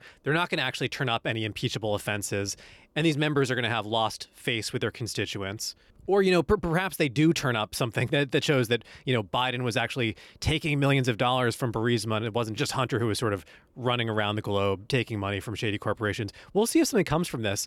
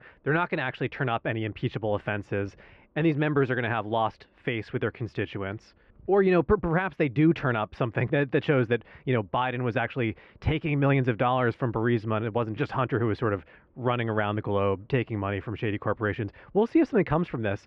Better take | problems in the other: first | muffled; very; fading above 2 kHz

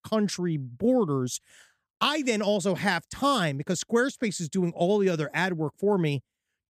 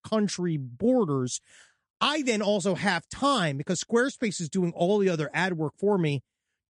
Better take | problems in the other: first | garbled, watery; slightly; nothing above 9 kHz

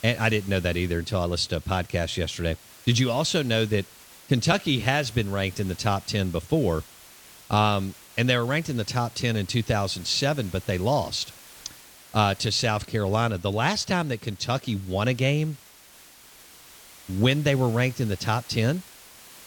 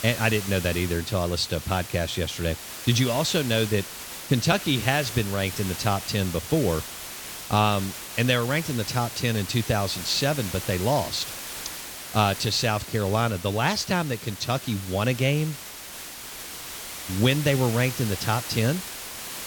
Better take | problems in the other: first | hiss; loud; throughout; 9 dB below the speech; faint in the first

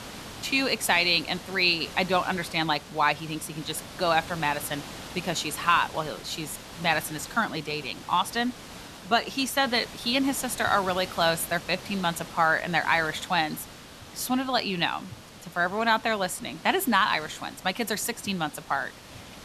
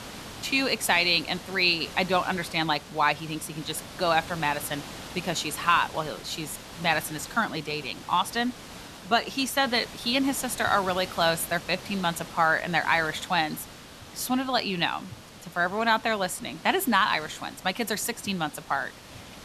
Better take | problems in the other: neither | hiss; noticeable; throughout; 15 dB below the speech; the same in both

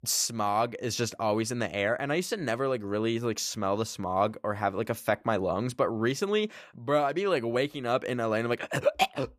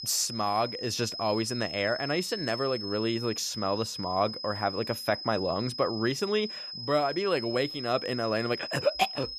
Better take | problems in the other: first | high-pitched whine; loud; throughout; 5 kHz, 7 dB below the speech

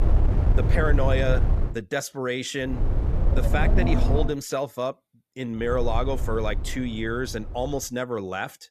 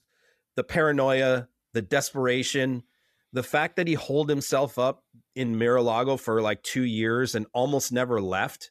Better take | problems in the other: second | wind noise on the microphone; heavy; until 1.5 s, from 2.5 to 4.5 s and from 5.5 to 8 s; 7 dB below the speech

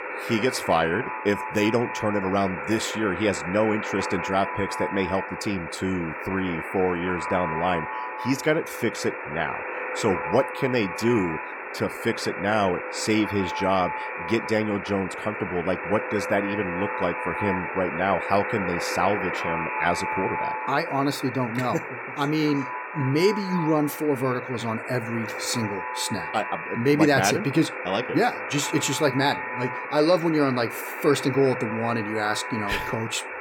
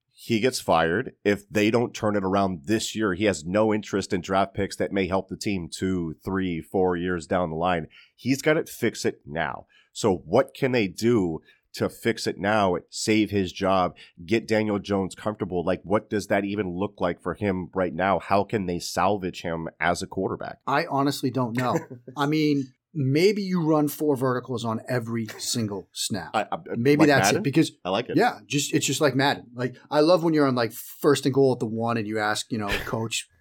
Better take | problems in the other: second | alarms or sirens; loud; throughout; 5 dB below the speech

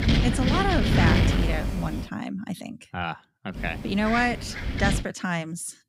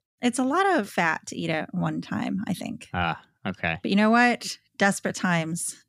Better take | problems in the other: second | wind noise on the microphone; heavy; until 2 s and from 3.5 to 5 s; 1 dB below the speech

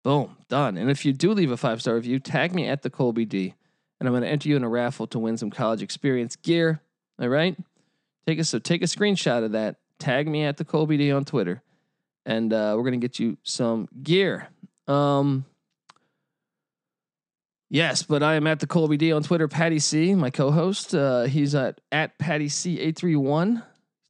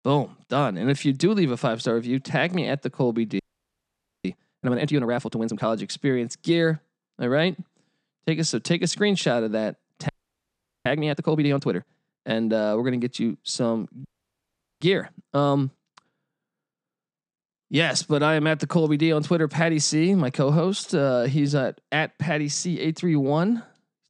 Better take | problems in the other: first | audio freezing; at 3.5 s for 1 s, at 10 s for 1 s and at 14 s for 1 s

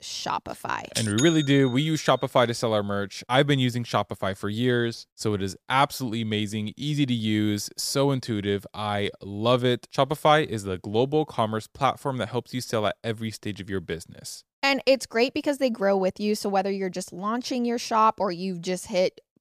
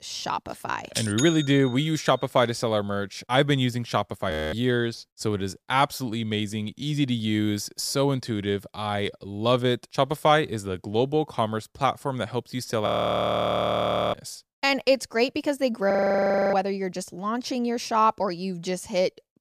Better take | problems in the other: first | audio freezing; at 4.5 s, at 13 s for 1.5 s and at 16 s for 0.5 s

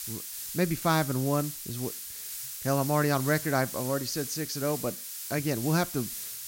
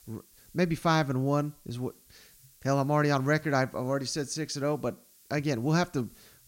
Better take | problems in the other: second | hiss; loud; throughout; 6 dB below the speech; faint in the second

